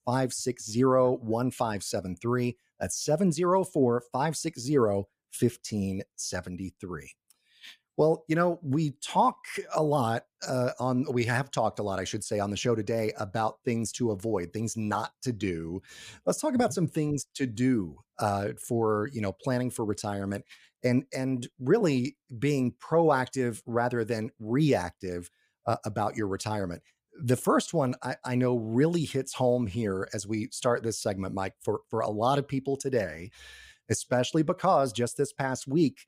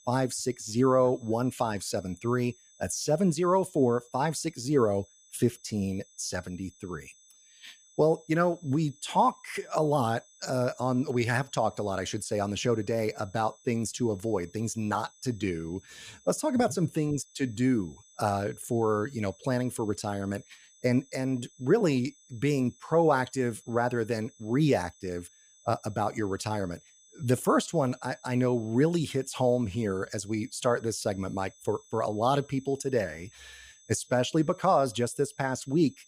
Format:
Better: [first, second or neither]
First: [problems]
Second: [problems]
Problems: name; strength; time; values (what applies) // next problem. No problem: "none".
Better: first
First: none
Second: high-pitched whine; faint; throughout; 6 kHz, 25 dB below the speech